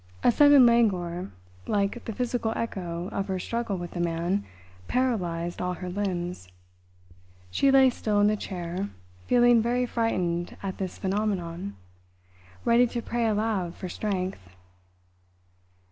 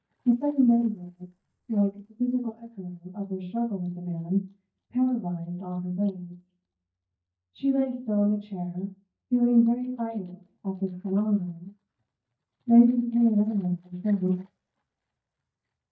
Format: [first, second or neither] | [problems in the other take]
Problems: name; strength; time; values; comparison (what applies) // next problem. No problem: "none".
first | noise reduction (neural mask model DeepFilterNet 3)